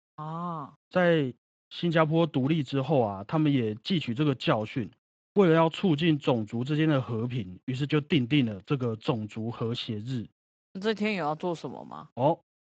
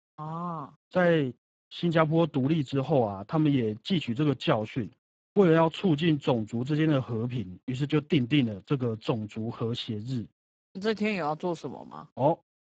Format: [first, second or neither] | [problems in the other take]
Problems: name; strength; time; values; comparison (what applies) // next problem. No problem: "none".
first | garbled, watery; badly; nothing above 7.5 kHz; slightly in the first